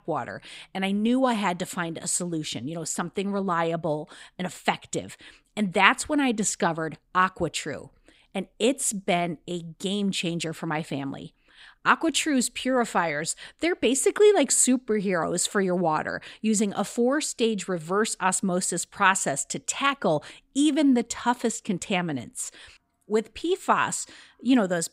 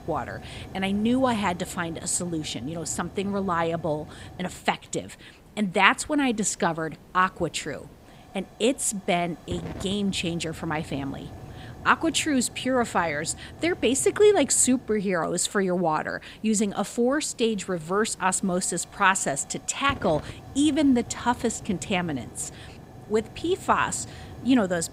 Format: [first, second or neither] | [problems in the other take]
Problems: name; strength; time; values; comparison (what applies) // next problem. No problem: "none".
first | hiss; noticeable; throughout; 20 dB below the speech